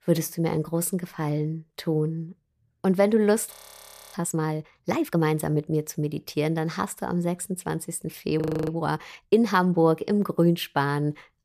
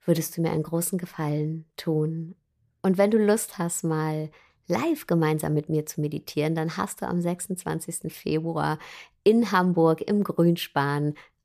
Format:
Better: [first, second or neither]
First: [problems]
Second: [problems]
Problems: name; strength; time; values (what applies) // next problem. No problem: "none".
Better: second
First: audio freezing; at 3.5 s for 0.5 s and at 8.5 s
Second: none